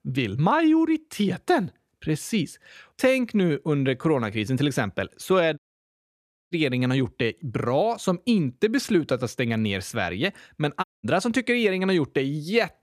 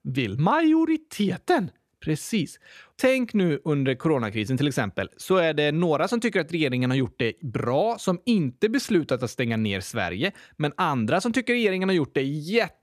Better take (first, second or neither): second